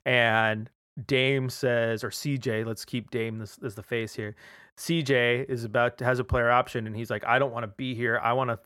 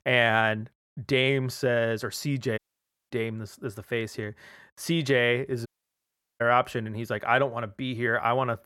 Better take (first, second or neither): first